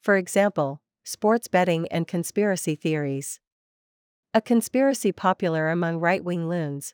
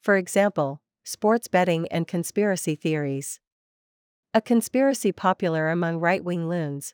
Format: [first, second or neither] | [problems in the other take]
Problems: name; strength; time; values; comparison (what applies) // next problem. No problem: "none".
neither | none